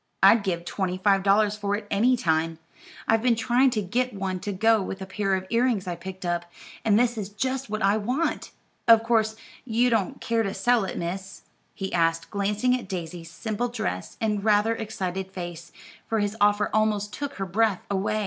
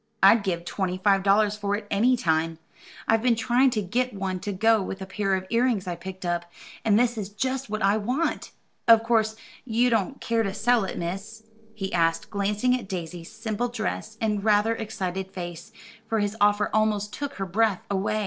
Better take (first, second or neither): first